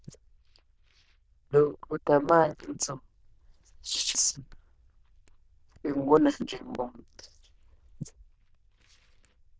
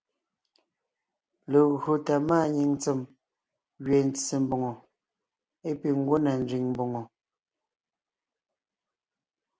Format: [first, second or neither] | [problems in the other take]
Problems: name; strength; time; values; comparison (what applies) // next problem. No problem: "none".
second | noise reduction (neural diffusion model UNIVERSE++)